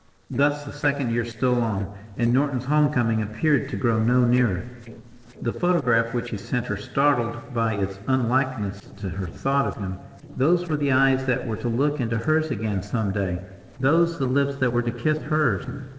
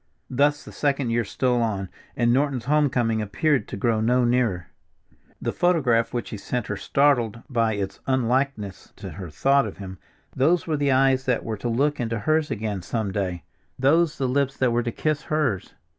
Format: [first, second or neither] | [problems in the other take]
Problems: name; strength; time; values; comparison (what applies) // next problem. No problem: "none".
second | noise reduction (neural separator model SepFormer DNS4)